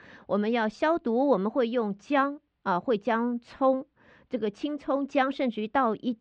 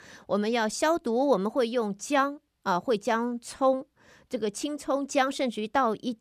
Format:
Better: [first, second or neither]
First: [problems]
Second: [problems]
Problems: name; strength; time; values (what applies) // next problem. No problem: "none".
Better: second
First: muffled; slightly; fading above 3 kHz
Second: none